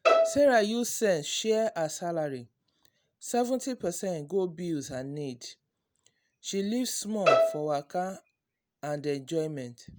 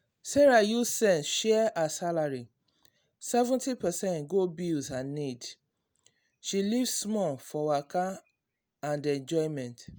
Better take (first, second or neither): second